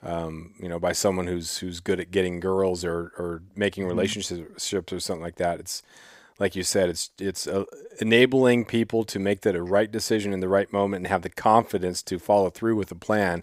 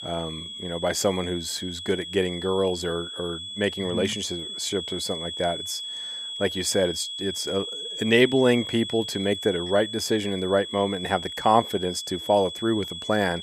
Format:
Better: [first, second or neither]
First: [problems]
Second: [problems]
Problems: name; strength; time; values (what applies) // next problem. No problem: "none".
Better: first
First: none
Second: high-pitched whine; loud; throughout; 3.5 kHz, 7 dB below the speech